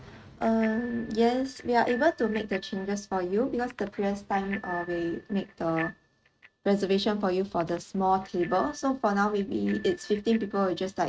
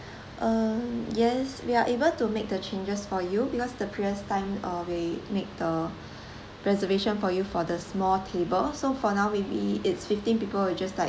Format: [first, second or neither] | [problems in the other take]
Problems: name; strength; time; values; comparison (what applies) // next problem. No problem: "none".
second | noise reduction (neural mask model RNNoise)